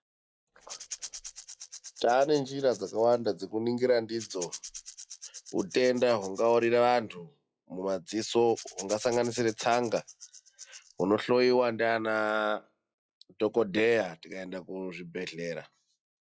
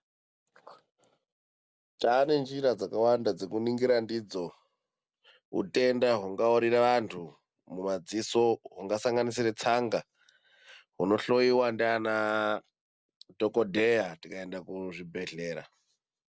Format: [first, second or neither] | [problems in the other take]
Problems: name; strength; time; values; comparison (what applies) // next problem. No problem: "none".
second | noise reduction (classical method log-MMSE)